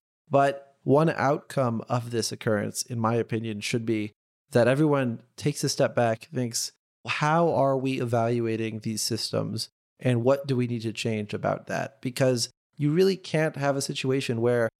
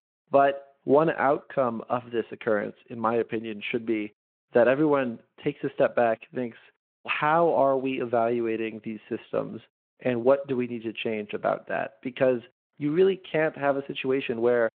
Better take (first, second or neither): first